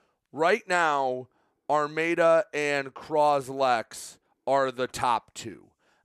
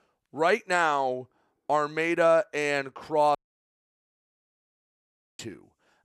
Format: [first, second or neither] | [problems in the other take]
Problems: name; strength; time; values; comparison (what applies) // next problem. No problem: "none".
first | audio cutting out; at 3.5 s for 2 s